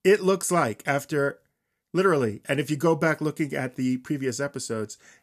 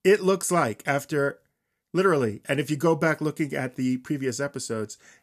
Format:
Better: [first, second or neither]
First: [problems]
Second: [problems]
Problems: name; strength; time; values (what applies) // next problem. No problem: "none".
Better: neither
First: none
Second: none